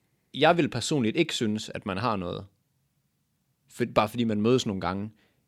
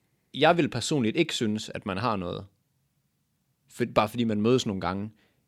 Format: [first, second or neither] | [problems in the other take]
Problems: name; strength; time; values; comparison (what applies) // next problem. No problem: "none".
neither | none